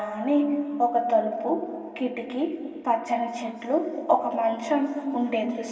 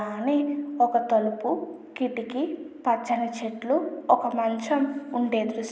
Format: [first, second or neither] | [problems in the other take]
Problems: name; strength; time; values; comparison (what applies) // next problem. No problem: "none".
second | room echo; dies away in 3 s